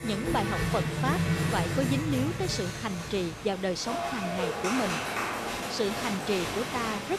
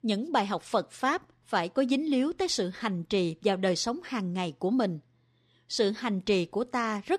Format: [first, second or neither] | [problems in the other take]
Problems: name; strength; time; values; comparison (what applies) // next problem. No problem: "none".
second | crowd noise; very loud; throughout; 1 dB above the speech